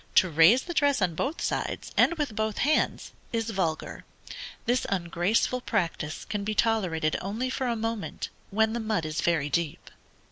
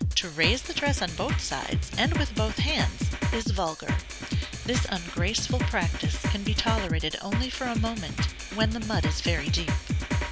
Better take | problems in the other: first | background sound (Drum kit); 2 dB above the speech

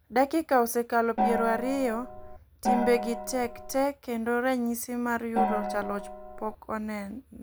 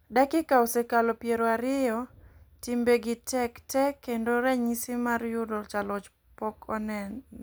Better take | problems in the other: second | background sound (Gong); 2 dB below the speech

